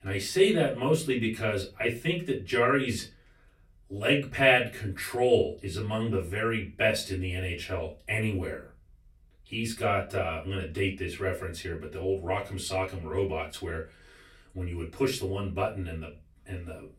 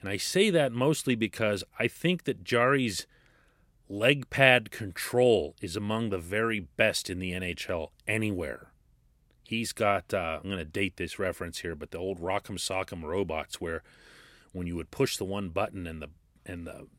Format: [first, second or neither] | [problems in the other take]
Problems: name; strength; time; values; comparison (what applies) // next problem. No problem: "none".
second | off-mic speech; far // room echo; very slight; dies away in 0.2 s